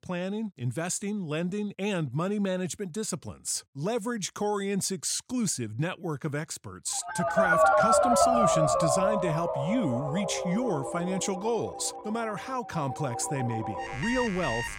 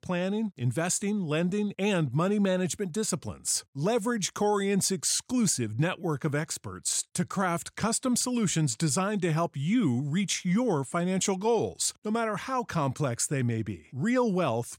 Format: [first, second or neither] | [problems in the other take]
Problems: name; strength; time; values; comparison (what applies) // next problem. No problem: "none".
second | alarms or sirens; very loud; from 7 s on; 4 dB above the speech